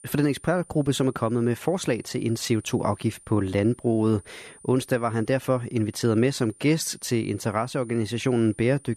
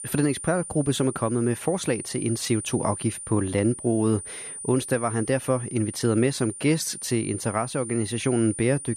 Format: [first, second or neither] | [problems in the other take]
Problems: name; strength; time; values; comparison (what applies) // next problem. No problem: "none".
first | high-pitched whine; loud; throughout; 9.5 kHz, 9 dB below the speech; faint in the first